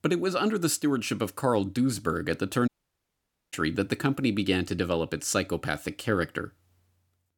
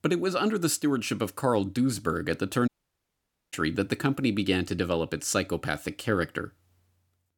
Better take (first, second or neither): neither